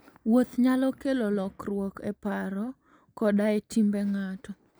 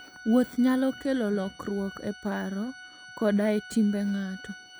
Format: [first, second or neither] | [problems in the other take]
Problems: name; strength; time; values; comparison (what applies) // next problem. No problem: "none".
first | background sound (Organ); 19 dB below the speech